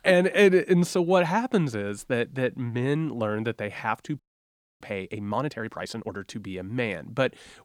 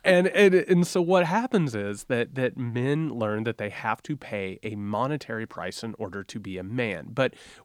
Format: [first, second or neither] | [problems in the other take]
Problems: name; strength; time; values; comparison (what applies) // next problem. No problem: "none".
second | audio freezing; at 4 s for 0.5 s